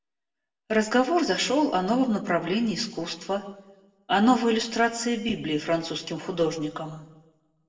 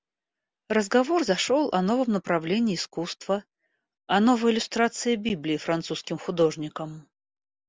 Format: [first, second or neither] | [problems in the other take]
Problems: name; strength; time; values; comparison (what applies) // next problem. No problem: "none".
second | room echo; dies away in 0.8 s